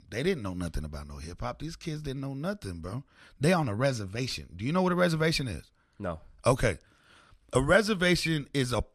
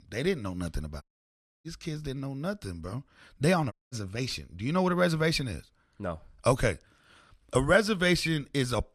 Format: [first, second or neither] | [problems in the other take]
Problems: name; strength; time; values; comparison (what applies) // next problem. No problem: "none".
first | audio cutting out; at 1 s for 0.5 s and at 3.5 s